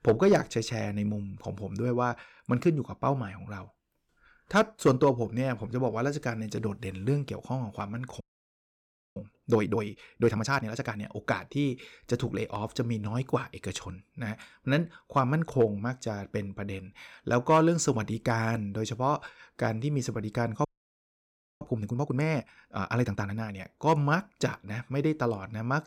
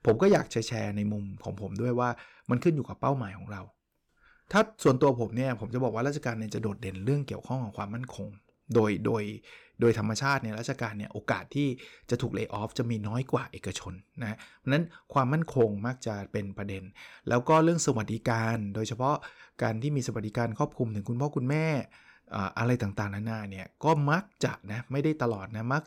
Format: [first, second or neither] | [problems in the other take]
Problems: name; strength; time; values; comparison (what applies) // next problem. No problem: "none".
second | audio freezing; at 8 s for 1 s and at 21 s for 1 s